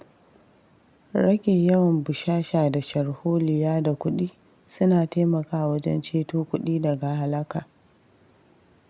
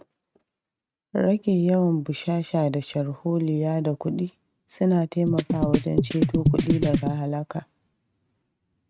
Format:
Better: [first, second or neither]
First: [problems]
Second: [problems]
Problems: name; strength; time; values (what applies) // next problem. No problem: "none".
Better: first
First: none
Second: noise reduction (neural mask model RNNoise)